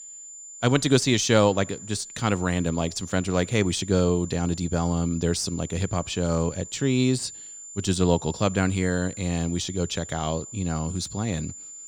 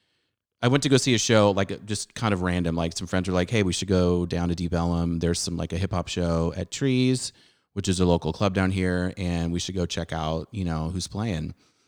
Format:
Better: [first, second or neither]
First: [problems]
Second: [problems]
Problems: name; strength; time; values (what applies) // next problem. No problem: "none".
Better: second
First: high-pitched whine; noticeable; throughout; 7 kHz, 15 dB below the speech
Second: none